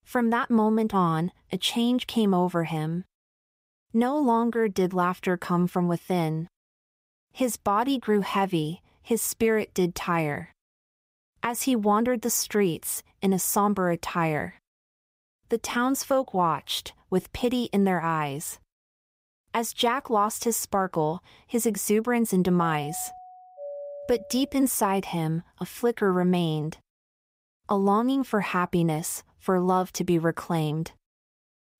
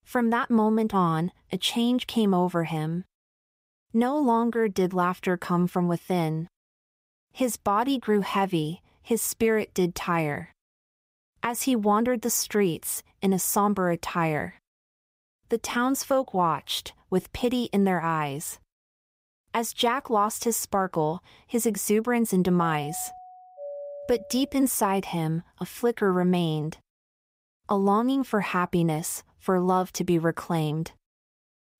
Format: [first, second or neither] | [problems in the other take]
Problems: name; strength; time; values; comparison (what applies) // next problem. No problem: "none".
neither | doorbell; faint; from 23 to 25 s; peak 10 dB below the speech; the same in both